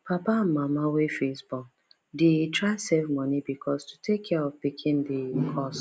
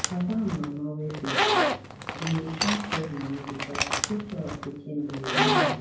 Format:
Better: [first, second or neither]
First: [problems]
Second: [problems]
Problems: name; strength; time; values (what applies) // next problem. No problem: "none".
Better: first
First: none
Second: background sound (Zipper (clothing)); 3 dB above the speech // room echo; dies away in 0.9 s